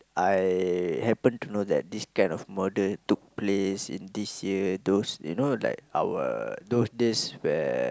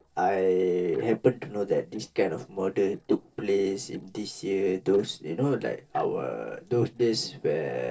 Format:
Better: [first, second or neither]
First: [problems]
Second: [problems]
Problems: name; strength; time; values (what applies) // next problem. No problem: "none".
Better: first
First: none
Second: noise reduction (neural separator model SepFormer DNS4)